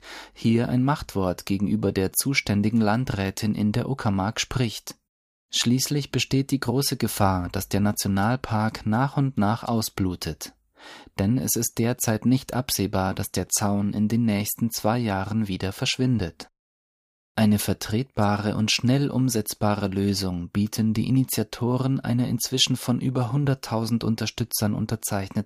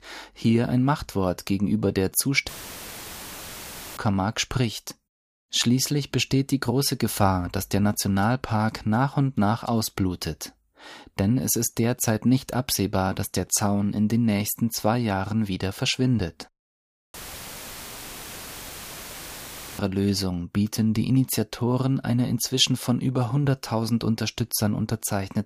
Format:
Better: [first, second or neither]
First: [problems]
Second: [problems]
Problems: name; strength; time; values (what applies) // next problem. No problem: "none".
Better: first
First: none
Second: audio cutting out; filled with static; at 2.5 s for 1.5 s and at 17 s for 2.5 s